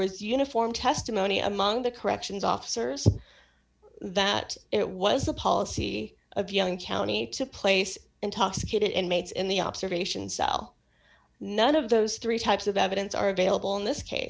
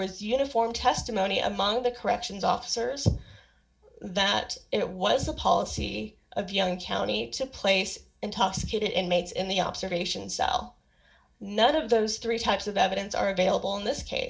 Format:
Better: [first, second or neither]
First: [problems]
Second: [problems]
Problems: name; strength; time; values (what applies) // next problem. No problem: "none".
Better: first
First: none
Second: room echo; dies away in 0.2 s